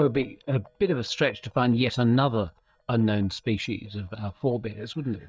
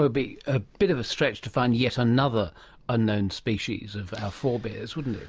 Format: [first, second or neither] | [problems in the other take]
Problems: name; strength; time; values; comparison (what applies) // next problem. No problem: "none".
second | noise reduction (neural mask model DeepFilterNet 3)